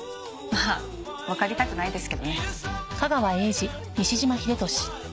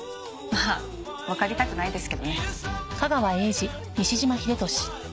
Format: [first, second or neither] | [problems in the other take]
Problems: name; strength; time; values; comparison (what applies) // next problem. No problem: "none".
first | background sound (Bowed string instrument); 17 dB below the speech